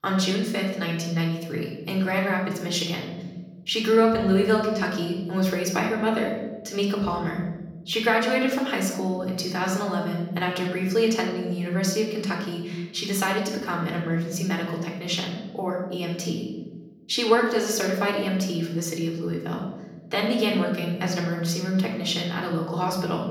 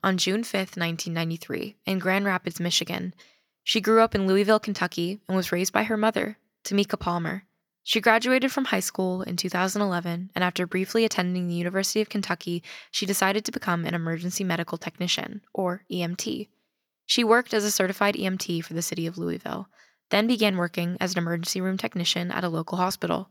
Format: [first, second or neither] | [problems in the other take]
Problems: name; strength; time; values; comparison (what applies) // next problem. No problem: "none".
second | off-mic speech; somewhat distant // room echo; noticeable; dies away in 1.3 s